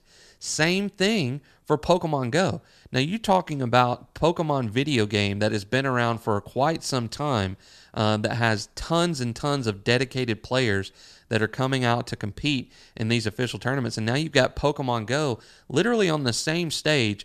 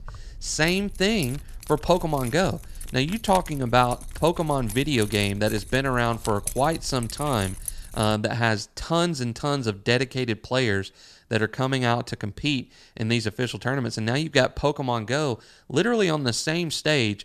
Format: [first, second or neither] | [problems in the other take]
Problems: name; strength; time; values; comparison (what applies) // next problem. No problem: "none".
first | jangling keys; noticeable; until 8 s; peak 7 dB below the speech